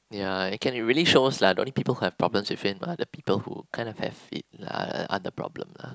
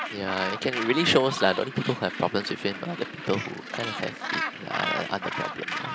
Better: first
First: none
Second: background sound (Gull, seagull); 5 dB below the speech

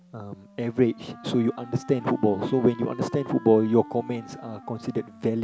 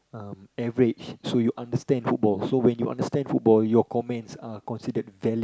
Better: second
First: background sound (Wind instrument, woodwind instrument); 19 dB below the speech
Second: none

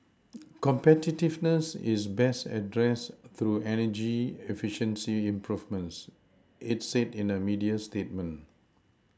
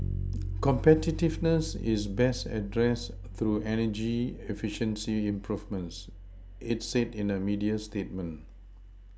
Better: first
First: none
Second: background sound (Bass guitar); 9 dB below the speech

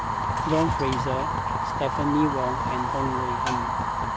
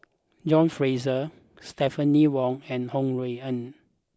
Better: second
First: background sound (Fire); 3 dB above the speech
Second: none

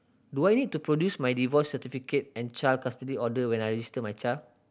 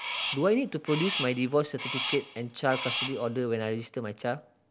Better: first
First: none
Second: background sound (Crow); 7 dB below the speech

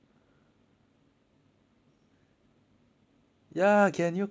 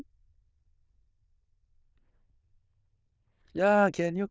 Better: first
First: none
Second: noise reduction (neural diffusion model UNIVERSE++)

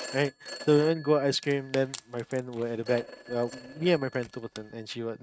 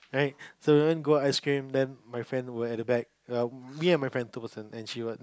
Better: second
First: noise reduction (neural mask model RNNoise)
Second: none

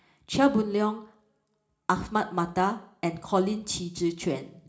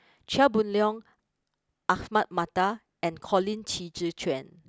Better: second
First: room echo; dies away in 0.4 s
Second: none

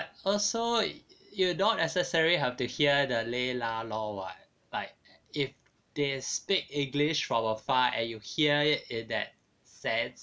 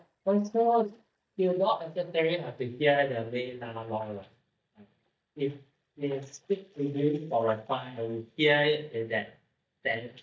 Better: first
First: none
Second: noise reduction (neural mask model DeepFilterNet 3)

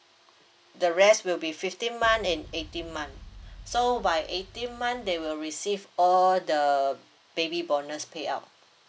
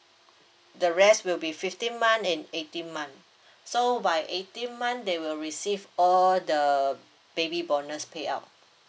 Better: second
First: background sound (Boom); 18 dB below the speech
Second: none

